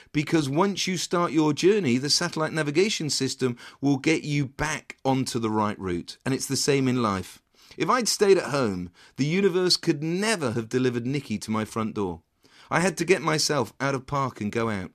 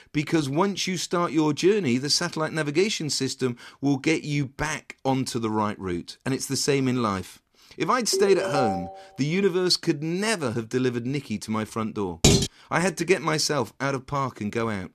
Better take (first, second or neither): first